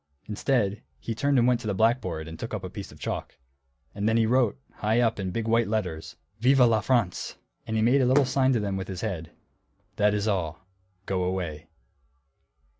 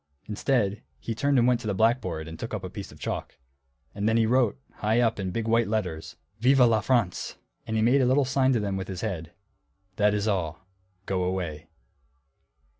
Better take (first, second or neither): second